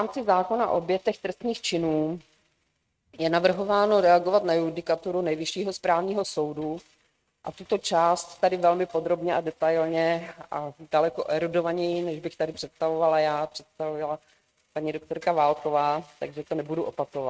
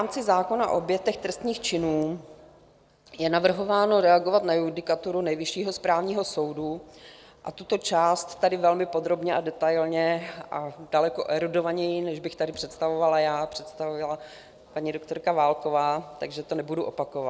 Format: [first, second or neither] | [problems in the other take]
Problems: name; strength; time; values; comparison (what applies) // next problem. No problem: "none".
second | noise reduction (neural mask model RNNoise)